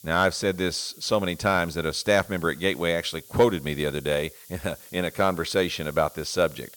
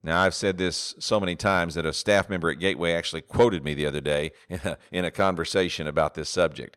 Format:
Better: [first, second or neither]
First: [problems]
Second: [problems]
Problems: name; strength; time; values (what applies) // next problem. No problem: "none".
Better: second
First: hiss; faint; throughout; 20 dB below the speech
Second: none